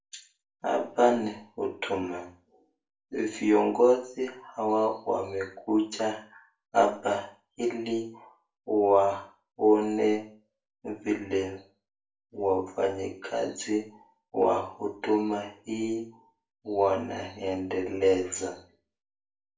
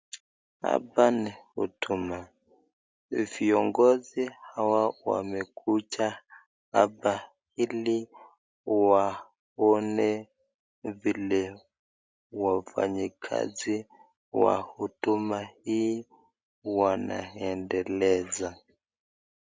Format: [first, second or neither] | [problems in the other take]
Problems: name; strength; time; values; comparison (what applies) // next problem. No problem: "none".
second | room echo; dies away in 0.3 s